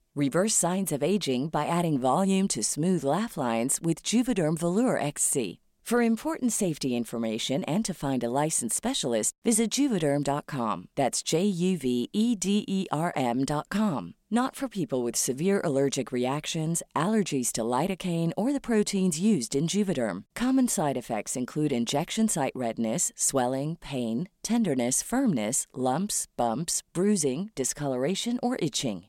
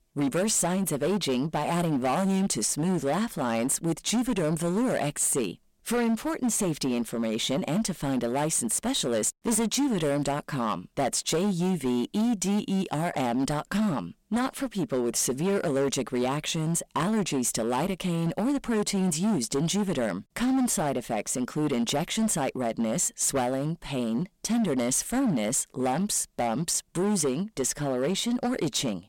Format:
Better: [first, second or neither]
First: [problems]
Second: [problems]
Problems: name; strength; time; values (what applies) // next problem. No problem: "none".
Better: first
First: none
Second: distortion; slight; 15% of the sound clipped